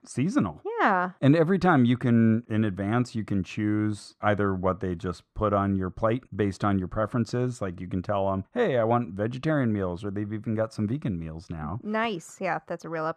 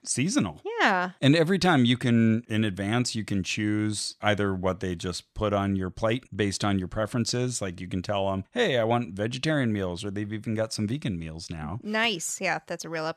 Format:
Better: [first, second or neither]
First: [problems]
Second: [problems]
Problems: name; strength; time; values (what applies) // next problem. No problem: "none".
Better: second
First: muffled; slightly; fading above 2 kHz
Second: none